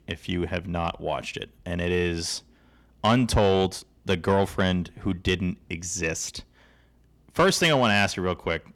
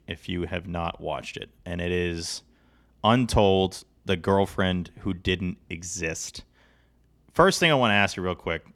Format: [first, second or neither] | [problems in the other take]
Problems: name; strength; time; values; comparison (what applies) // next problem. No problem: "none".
second | distortion; slight; 10 dB below the speech